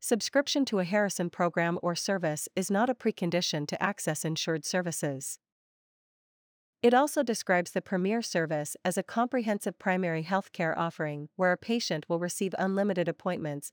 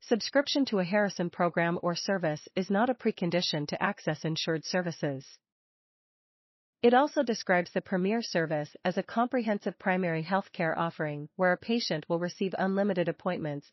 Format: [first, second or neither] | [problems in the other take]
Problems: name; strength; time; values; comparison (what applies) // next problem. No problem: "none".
first | garbled, watery; slightly; nothing above 5.5 kHz